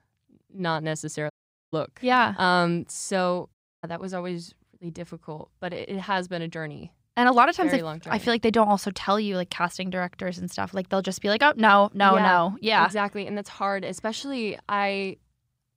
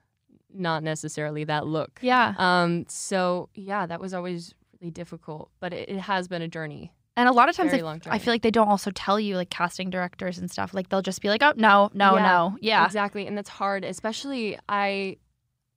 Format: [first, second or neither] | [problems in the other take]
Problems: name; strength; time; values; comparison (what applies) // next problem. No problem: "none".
second | audio cutting out; at 1.5 s and at 3.5 s